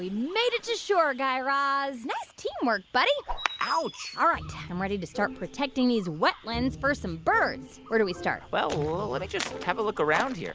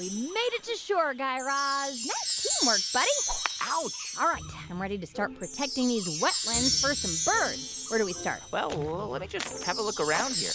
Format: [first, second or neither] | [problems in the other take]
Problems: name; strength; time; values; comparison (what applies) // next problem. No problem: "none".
first | background sound (Wind chime); 3 dB below the speech